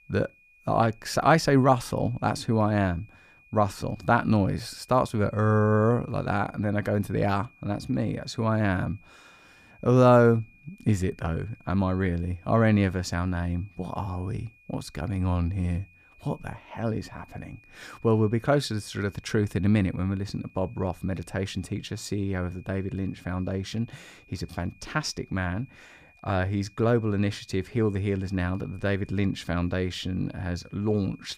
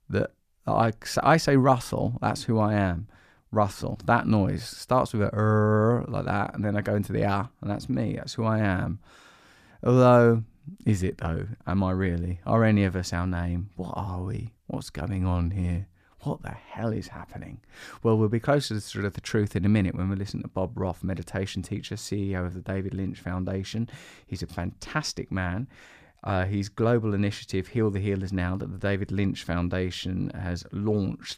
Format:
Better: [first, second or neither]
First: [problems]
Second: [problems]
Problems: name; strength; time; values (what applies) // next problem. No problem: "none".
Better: second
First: high-pitched whine; faint; throughout; 2.5 kHz, 30 dB below the speech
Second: none